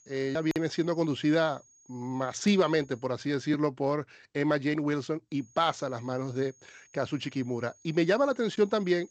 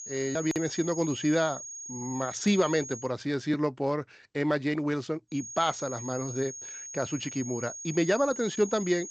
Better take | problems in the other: first | high-pitched whine; loud; until 3 s and from 5.5 s on; 6.5 kHz, 9 dB below the speech; faint in the first

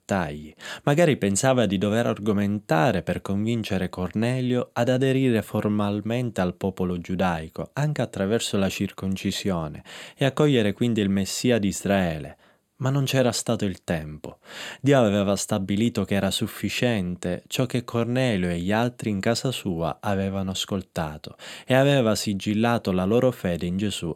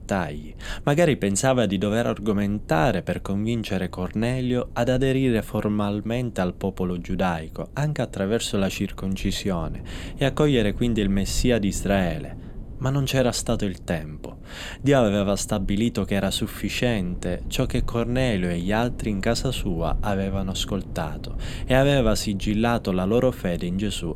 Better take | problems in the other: first | wind noise on the microphone; occasional gusts; 25 dB below the speech

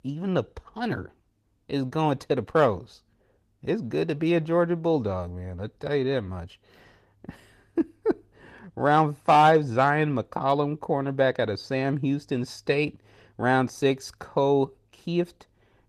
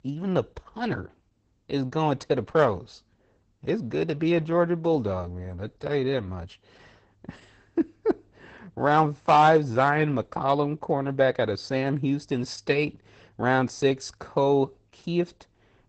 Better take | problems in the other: first | garbled, watery; badly; nothing above 8 kHz; slightly in the first

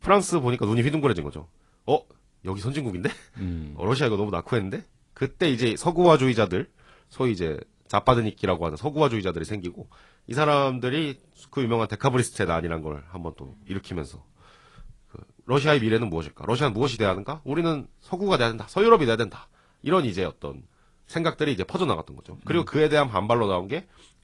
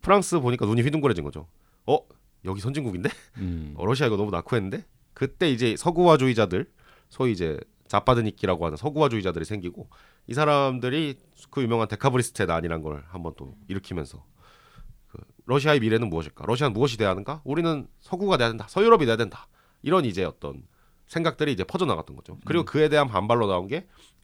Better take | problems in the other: second | garbled, watery; slightly; nothing above 10.5 kHz

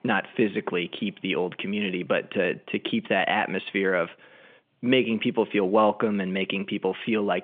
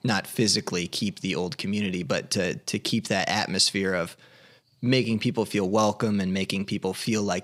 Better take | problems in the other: second | phone-call audio; nothing above 3.5 kHz

